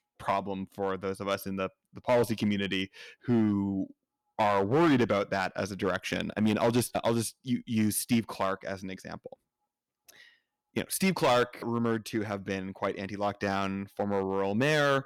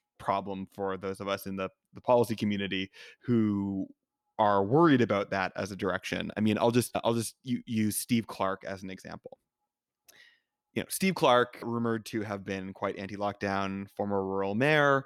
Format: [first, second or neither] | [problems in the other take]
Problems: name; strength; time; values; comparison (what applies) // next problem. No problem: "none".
second | distortion; slight; 4% of the sound clipped